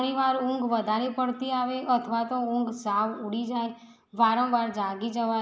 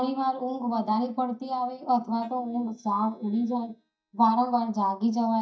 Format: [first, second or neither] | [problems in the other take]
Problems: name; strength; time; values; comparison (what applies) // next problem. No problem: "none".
first | noise reduction (neural mask model DeepFilterNet 3)